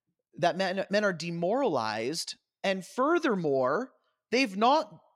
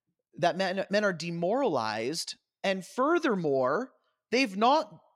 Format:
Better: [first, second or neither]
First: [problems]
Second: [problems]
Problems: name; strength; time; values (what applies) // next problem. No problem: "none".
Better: neither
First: none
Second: none